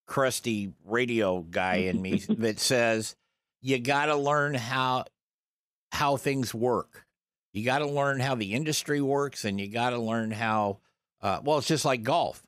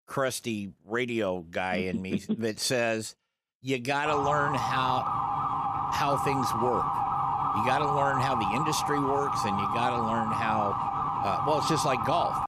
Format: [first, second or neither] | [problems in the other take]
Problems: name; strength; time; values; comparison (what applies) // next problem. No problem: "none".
first | siren; loud; from 4 s on; peak 3 dB above the speech